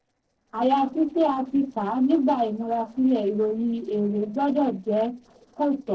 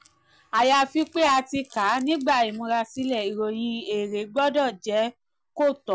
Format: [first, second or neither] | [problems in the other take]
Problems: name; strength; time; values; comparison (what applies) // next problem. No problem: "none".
second | noise reduction (neural separator model SepFormer DNS4)